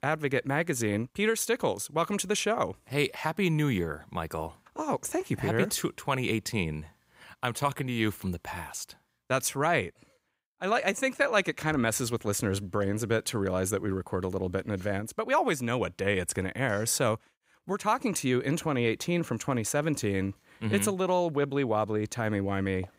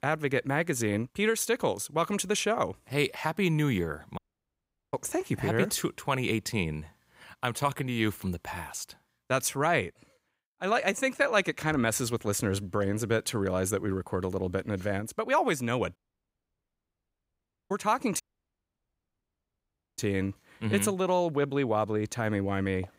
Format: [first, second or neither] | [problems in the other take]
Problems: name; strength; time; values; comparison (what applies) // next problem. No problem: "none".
first | audio cutting out; at 4 s for 1 s, at 16 s for 1.5 s and at 18 s for 2 s